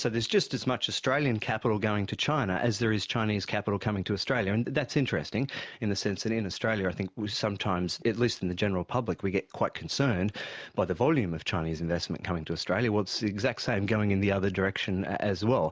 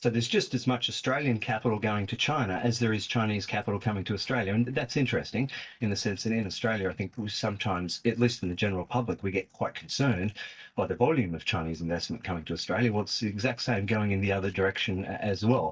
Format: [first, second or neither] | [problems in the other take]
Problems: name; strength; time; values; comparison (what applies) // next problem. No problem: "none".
first | noise reduction (neural mask model DeepFilterNet 3)